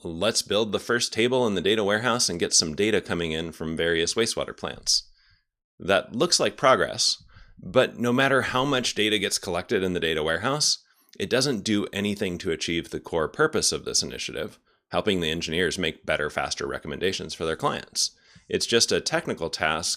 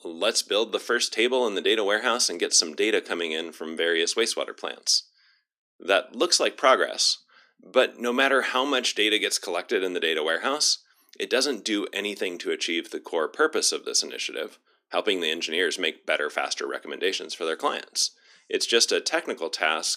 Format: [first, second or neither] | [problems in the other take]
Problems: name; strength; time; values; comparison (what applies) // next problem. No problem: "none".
first | thin; very slightly; fading below 250 Hz